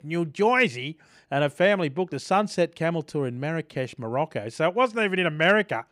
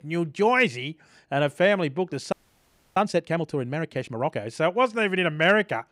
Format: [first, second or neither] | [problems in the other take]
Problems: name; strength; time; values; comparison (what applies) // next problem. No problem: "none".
first | audio freezing; at 2.5 s for 0.5 s